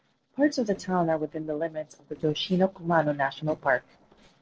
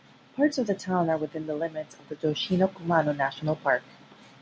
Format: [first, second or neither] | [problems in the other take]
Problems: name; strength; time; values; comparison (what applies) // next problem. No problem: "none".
second | noise reduction (neural separator model SepFormer DNS4)